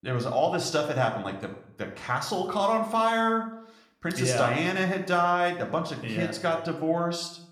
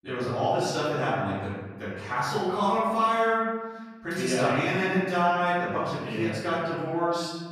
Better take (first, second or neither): first